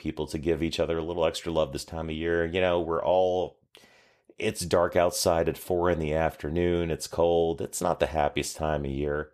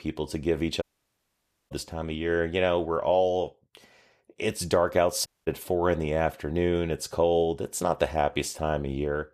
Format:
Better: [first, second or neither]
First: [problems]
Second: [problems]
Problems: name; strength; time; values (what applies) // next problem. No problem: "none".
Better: first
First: none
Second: audio cutting out; at 1 s for 1 s and at 5.5 s